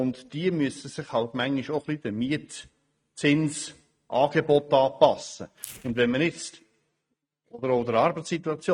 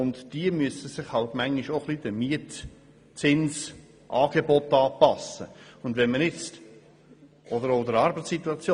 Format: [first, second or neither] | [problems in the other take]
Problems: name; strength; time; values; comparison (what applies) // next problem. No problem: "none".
second | noise reduction (neural mask model RNNoise)